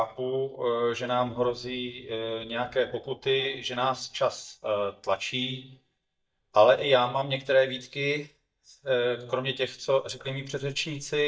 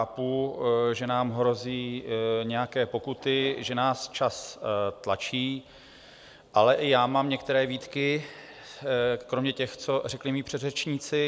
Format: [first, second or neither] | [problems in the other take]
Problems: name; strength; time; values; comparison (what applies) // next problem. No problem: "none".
second | noise reduction (neural mask model DeepFilterNet 3)